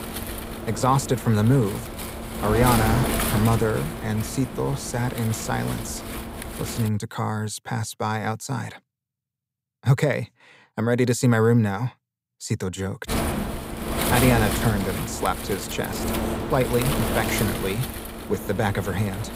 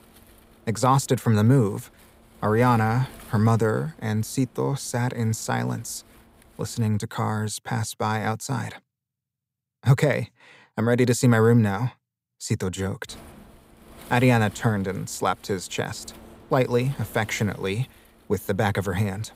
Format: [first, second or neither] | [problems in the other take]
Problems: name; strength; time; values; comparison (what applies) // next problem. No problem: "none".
second | wind noise on the microphone; heavy; until 7 s and from 13 s on; 3 dB below the speech; occasional gusts in the second